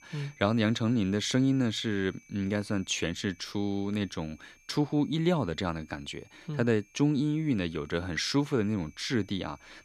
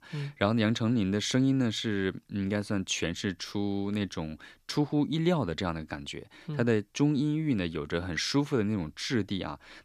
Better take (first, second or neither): second